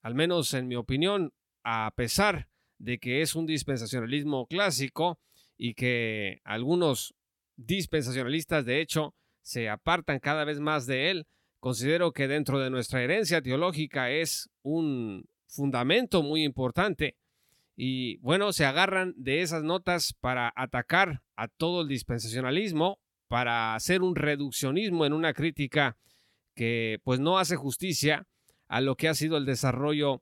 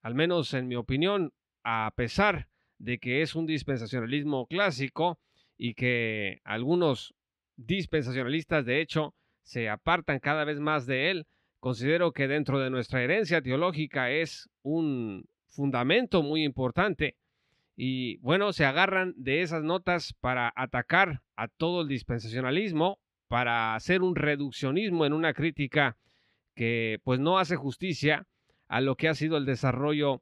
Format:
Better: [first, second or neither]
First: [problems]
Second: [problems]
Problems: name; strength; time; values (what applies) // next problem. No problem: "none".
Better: first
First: none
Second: muffled; slightly; fading above 3 kHz